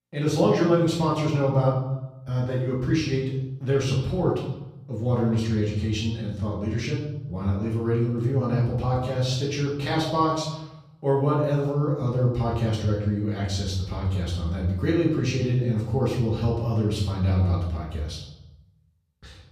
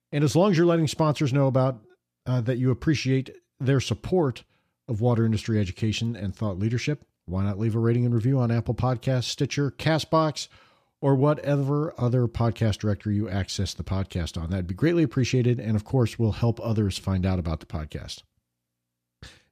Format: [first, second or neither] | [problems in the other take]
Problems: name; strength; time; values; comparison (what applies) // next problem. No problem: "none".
second | room echo; noticeable; dies away in 0.8 s // off-mic speech; far